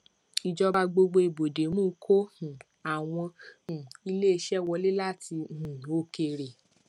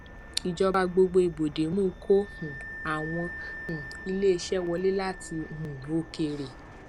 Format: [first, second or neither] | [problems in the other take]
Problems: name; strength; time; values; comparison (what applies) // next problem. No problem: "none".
first | background sound (Fixed-wing aircraft, airplane + Wind instrument, woodwind instrument); 14 dB below the speech